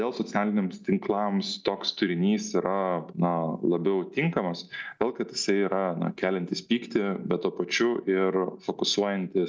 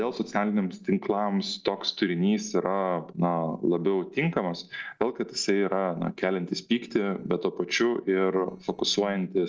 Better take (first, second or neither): first